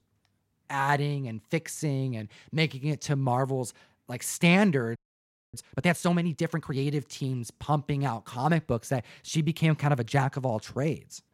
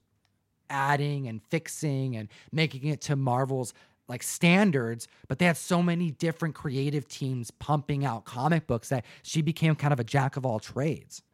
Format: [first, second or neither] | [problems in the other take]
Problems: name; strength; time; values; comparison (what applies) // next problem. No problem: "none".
second | audio freezing; at 5 s for 0.5 s